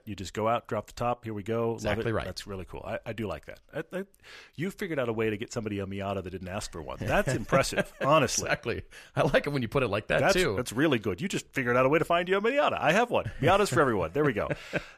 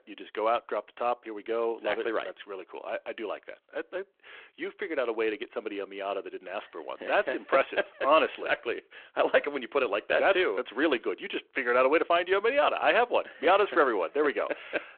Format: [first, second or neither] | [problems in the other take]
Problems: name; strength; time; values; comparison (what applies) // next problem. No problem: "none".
first | phone-call audio